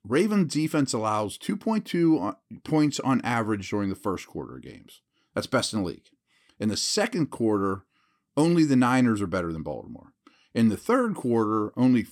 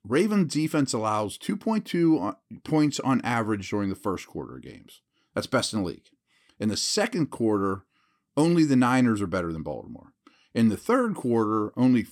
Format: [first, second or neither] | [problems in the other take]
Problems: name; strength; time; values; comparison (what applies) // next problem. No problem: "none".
neither | none